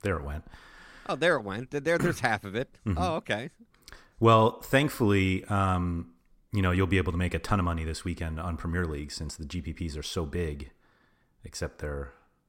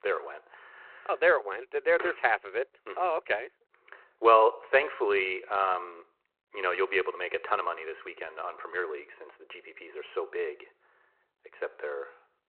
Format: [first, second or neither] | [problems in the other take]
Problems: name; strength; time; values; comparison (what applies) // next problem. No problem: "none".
first | phone-call audio; nothing above 4 kHz